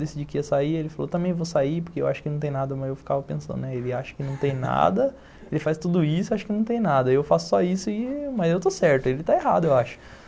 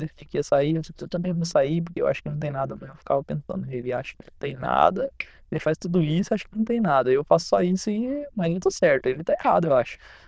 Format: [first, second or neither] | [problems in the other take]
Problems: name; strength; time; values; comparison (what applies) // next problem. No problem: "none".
first | noise reduction (neural diffusion model UNIVERSE++)